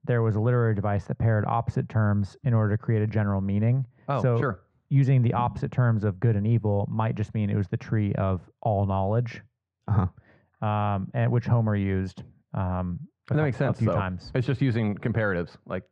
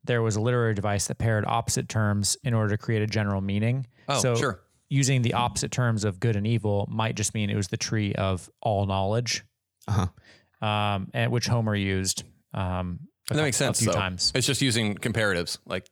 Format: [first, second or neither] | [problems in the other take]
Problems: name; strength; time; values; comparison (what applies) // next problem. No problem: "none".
second | muffled; very; fading above 1.5 kHz